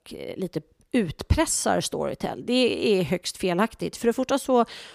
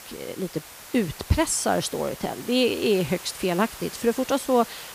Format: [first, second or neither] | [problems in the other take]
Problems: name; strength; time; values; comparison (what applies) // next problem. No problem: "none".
first | hiss; noticeable; throughout; 15 dB below the speech